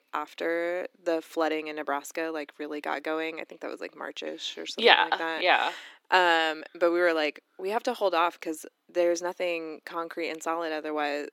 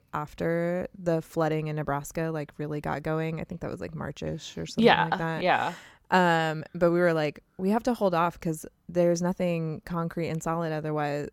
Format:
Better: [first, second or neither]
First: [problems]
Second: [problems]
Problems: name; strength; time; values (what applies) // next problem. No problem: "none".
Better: second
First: thin; very; fading below 300 Hz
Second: none